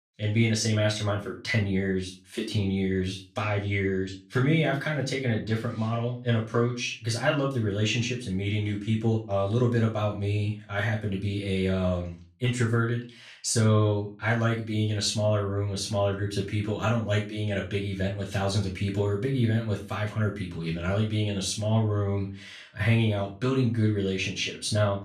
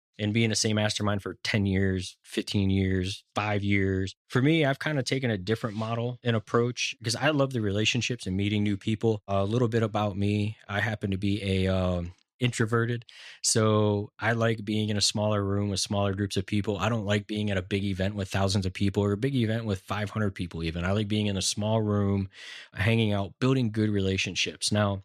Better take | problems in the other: second | off-mic speech; far // room echo; slight; dies away in 0.3 s

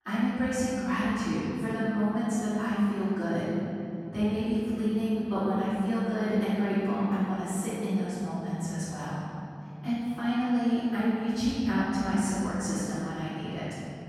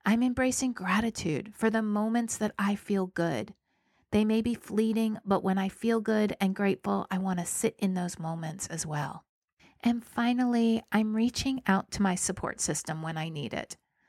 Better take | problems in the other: second | room echo; strong; dies away in 3 s // off-mic speech; far

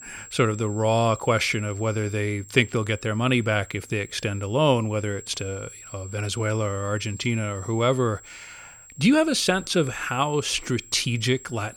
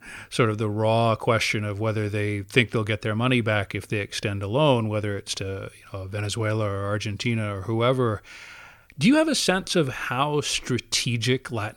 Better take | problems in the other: second | high-pitched whine; noticeable; throughout; 7.5 kHz, 20 dB below the speech

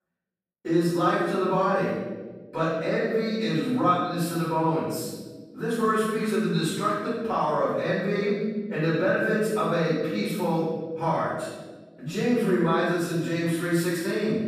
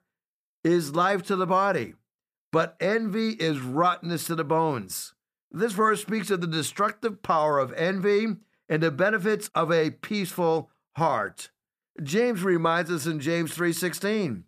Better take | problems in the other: second | off-mic speech; far // room echo; strong; dies away in 1.3 s

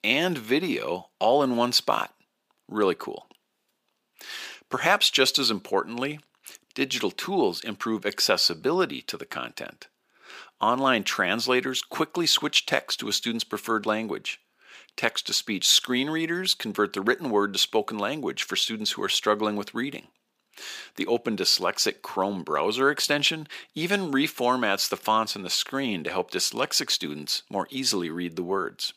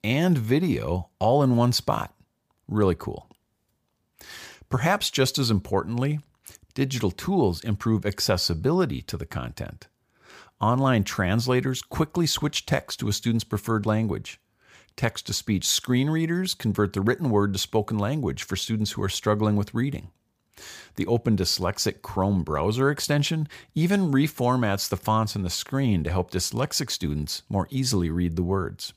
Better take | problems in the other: second | thin; somewhat; fading below 250 Hz

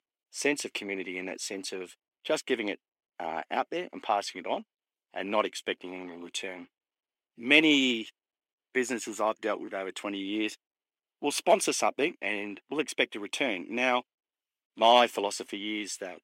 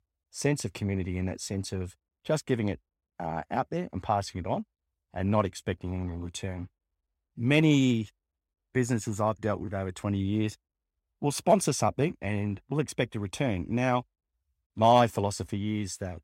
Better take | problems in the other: second | thin; somewhat; fading below 300 Hz

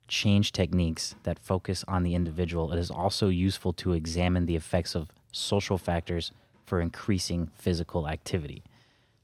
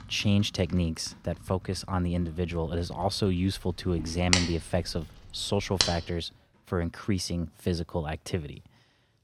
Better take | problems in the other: first | household noises; very loud; until 6 s; 2 dB above the speech

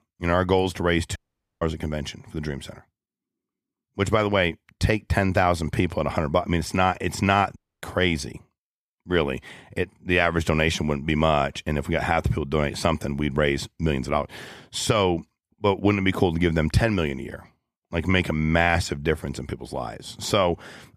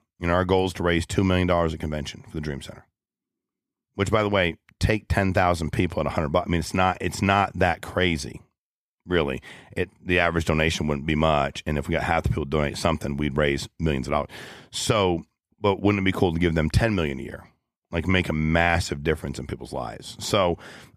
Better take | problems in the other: second | audio cutting out; at 1 s and at 7.5 s

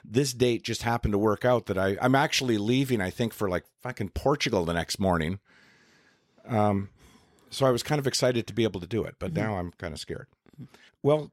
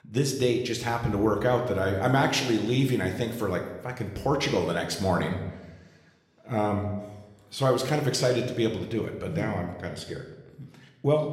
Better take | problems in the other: first | room echo; slight; dies away in 0.8 s

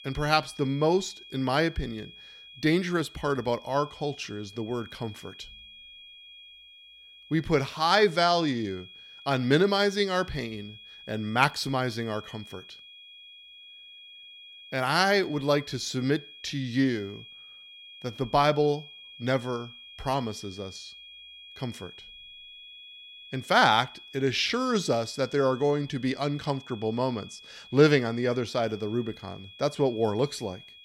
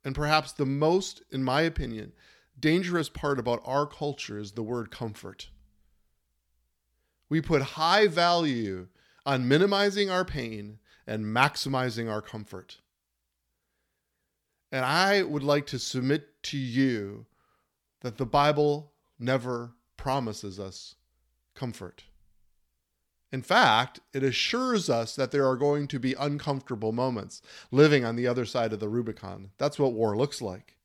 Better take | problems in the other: second | high-pitched whine; noticeable; throughout; 3.5 kHz, 20 dB below the speech

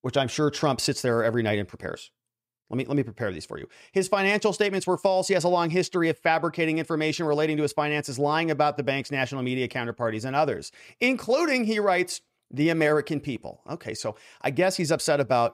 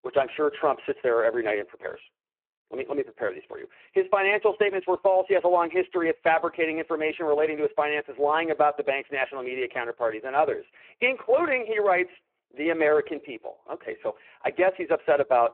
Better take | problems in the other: first | phone-call audio; poor line

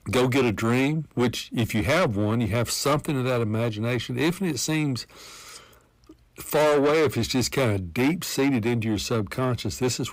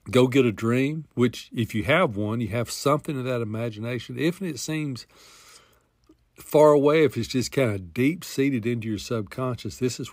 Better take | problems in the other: second | distortion; heavy; 6 dB below the speech

